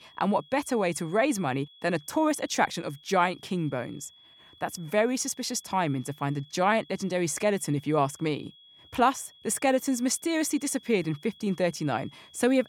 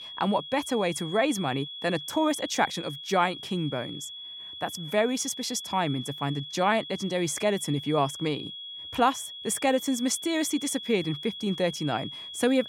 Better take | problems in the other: first | high-pitched whine; loud; throughout; 3.5 kHz, 10 dB below the speech; faint in the first

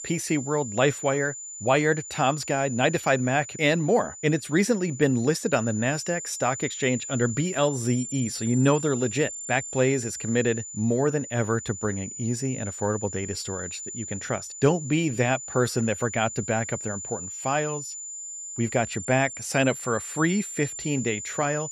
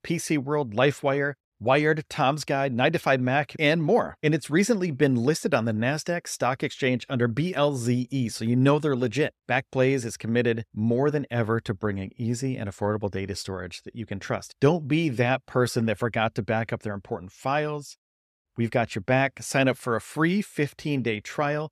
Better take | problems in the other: second | high-pitched whine; loud; throughout; 7 kHz, 9 dB below the speech

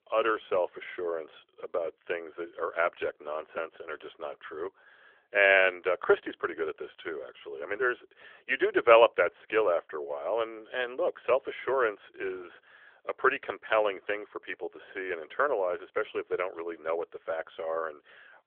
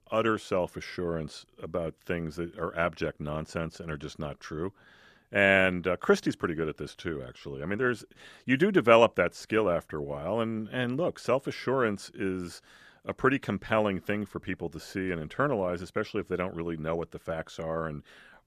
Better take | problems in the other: second | phone-call audio

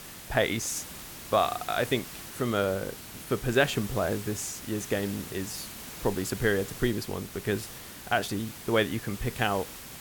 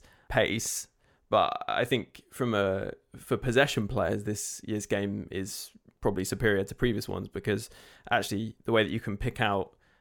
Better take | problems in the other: second | hiss; noticeable; throughout; 10 dB below the speech

